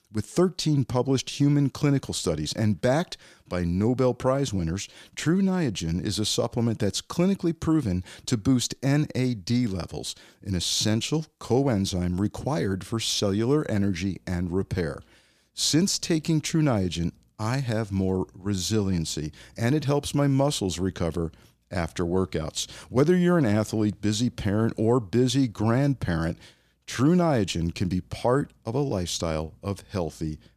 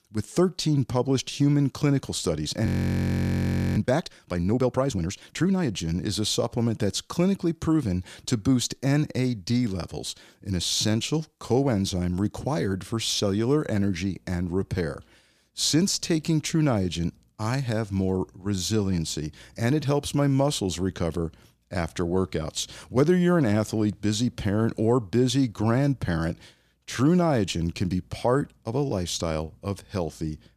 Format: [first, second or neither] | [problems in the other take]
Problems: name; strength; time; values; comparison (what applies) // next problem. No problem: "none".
first | audio freezing; at 2.5 s for 1 s